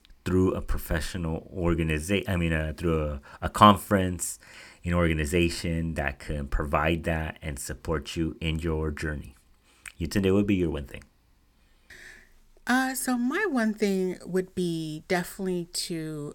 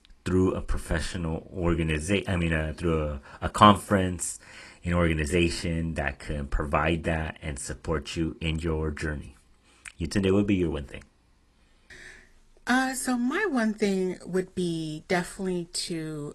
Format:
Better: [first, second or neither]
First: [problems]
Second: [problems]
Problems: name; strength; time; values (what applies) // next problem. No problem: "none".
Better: first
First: none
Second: garbled, watery; slightly; nothing above 11 kHz